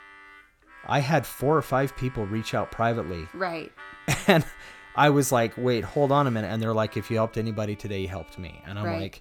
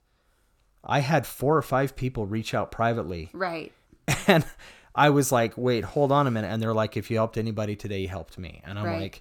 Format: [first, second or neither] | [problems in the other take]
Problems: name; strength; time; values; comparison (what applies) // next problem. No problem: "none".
second | background music; faint; throughout; 20 dB below the speech